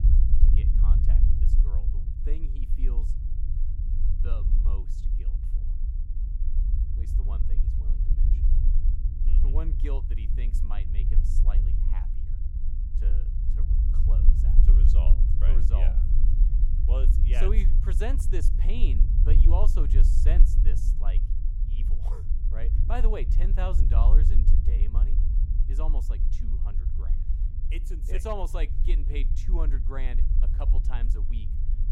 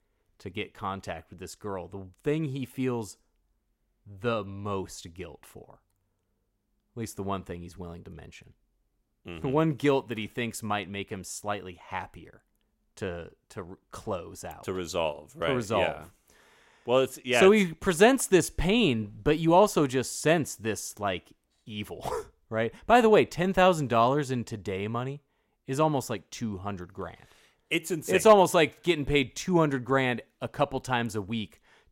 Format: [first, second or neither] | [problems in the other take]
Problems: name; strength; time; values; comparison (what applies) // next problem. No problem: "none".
second | low rumble; loud; throughout; 6 dB below the speech